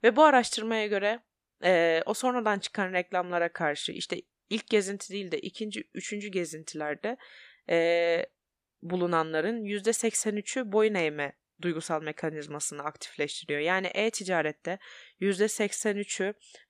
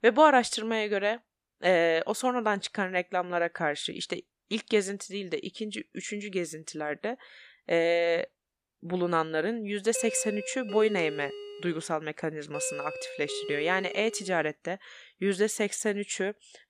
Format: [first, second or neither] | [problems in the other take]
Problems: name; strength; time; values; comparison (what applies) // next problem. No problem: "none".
first | doorbell; noticeable; from 10 to 14 s; peak 7 dB below the speech